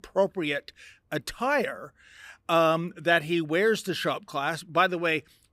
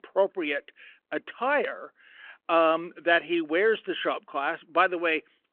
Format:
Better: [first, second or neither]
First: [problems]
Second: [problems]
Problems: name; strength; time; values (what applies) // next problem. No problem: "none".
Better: first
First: none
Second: phone-call audio